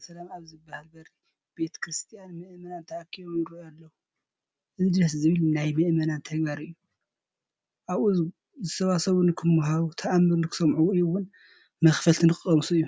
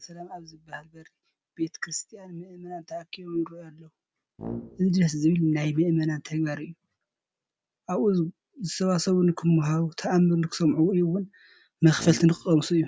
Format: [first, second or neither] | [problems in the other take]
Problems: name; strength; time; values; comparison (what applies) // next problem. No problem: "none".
first | background sound (Brass instrument); 12 dB below the speech